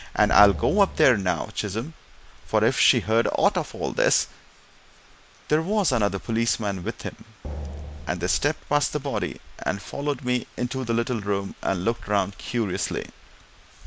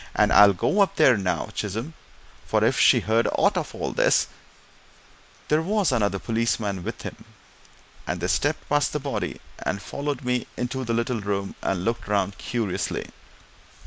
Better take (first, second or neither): second